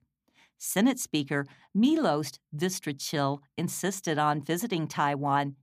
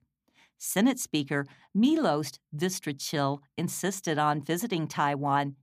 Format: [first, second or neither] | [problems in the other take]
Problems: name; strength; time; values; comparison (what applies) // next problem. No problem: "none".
neither | none